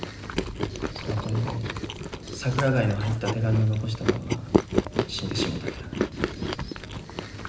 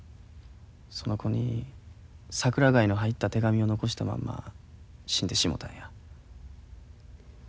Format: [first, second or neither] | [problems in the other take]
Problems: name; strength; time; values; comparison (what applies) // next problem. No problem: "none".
second | background sound (Chewing, mastication); 1 dB below the speech // room echo; dies away in 0.9 s